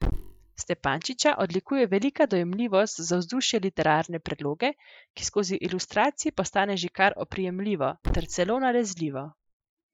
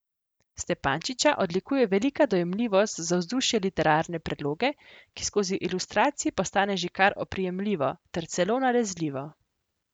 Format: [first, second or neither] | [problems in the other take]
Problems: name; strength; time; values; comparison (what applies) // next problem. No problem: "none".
second | noise reduction (classical method Wiener filter)